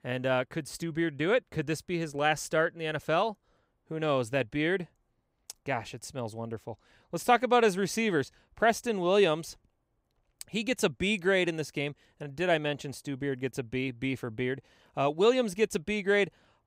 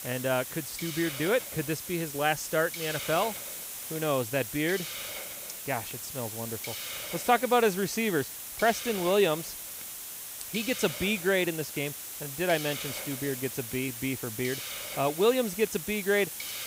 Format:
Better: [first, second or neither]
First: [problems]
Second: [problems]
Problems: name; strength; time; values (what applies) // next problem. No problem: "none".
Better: first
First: none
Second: hiss; loud; throughout; 7 dB below the speech